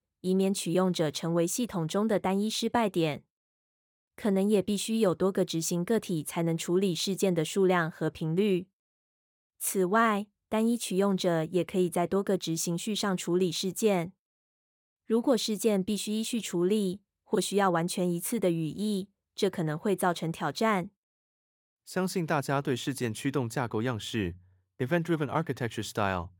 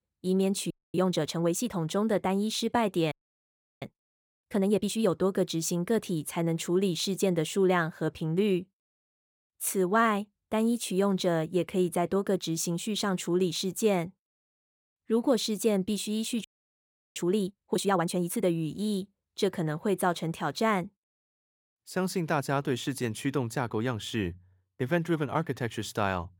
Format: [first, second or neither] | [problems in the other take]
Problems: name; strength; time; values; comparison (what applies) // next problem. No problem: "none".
first | audio freezing; at 0.5 s, at 3 s for 0.5 s and at 16 s for 0.5 s